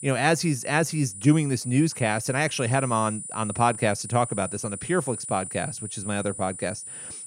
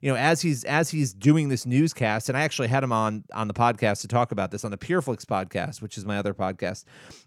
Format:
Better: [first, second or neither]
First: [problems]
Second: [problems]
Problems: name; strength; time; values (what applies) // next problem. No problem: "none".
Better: second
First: high-pitched whine; loud; throughout; 9.5 kHz, 9 dB below the speech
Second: none